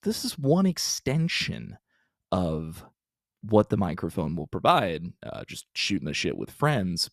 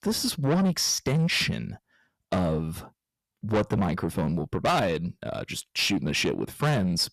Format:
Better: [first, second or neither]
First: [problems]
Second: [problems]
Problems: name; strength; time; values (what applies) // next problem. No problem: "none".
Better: first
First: none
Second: distortion; heavy; 7 dB below the speech